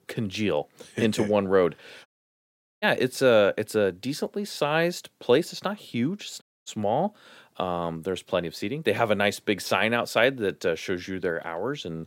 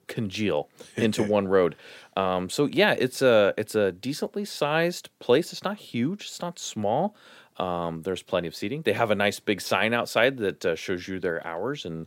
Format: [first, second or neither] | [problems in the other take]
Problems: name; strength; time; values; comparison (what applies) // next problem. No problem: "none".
second | audio cutting out; at 2 s for 1 s and at 6.5 s